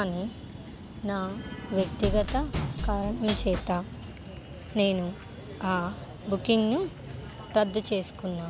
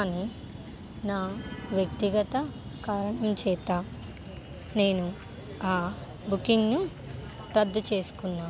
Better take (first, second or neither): second